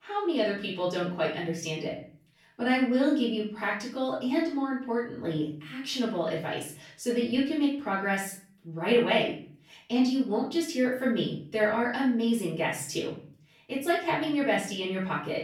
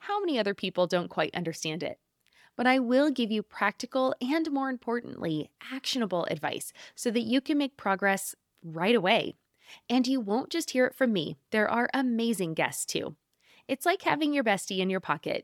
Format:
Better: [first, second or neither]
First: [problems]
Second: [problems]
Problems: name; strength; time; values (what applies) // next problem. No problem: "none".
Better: second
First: off-mic speech; far // room echo; noticeable; dies away in 0.5 s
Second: none